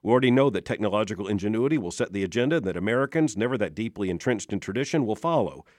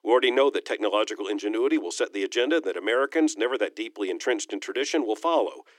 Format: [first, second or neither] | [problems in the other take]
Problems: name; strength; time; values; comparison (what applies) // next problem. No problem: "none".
first | thin; somewhat; fading below 300 Hz